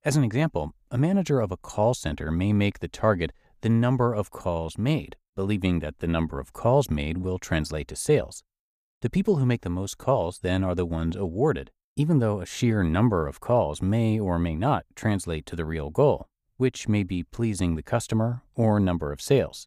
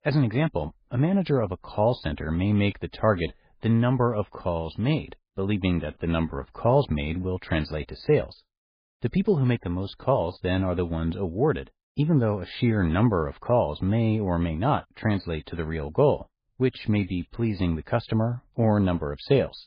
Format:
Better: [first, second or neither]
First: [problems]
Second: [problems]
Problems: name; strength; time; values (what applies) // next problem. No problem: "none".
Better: first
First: none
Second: garbled, watery; badly; nothing above 4.5 kHz